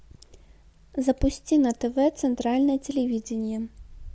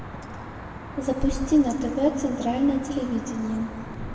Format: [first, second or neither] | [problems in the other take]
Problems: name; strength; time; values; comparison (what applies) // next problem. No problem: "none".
first | background sound (Traffic noise, roadway noise); 12 dB below the speech // room echo; dies away in 1.4 s